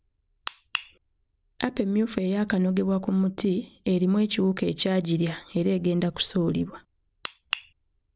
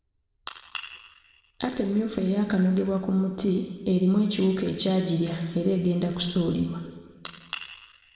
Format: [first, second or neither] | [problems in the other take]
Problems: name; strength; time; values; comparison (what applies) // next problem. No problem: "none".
first | room echo; dies away in 1.5 s